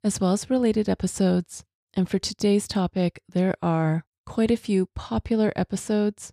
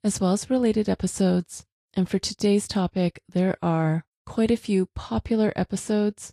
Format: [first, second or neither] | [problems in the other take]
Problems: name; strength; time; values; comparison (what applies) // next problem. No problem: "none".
first | garbled, watery; slightly